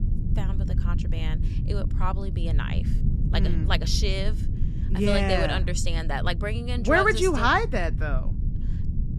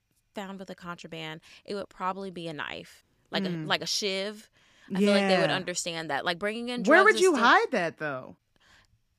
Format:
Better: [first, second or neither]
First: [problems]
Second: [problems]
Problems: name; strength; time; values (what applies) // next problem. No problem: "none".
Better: second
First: low rumble; noticeable; throughout; 15 dB below the speech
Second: none